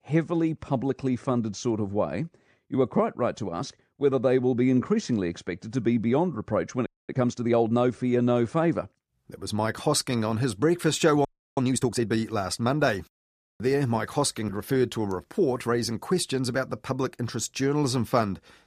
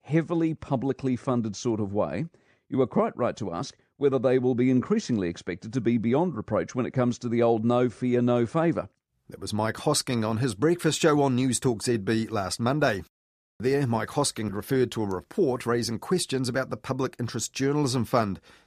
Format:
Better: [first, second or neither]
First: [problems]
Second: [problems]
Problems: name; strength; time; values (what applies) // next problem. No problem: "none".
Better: second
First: audio freezing; at 7 s and at 11 s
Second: none